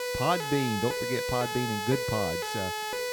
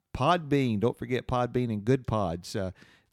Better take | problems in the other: second | siren; loud; peak level with the speech

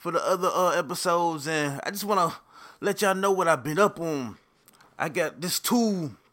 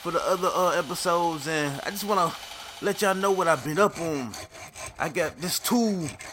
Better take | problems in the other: first | machinery noise; noticeable; throughout; 15 dB below the speech

